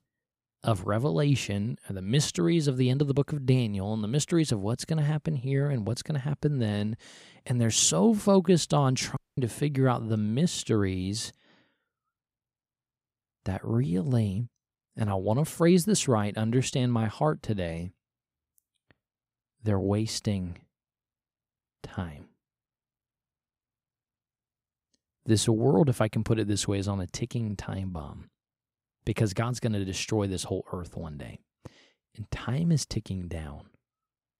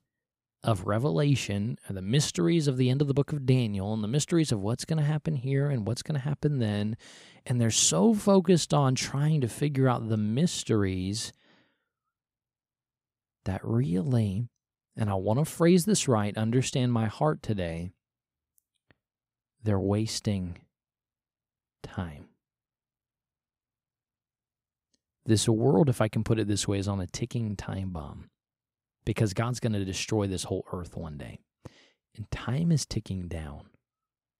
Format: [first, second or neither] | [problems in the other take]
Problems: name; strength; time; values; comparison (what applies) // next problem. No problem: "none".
second | audio cutting out; at 9 s